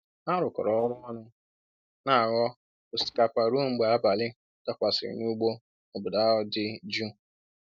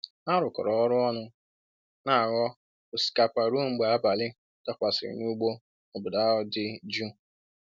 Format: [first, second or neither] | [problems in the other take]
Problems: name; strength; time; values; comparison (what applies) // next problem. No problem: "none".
second | noise reduction (neural mask model DeepFilterNet 3)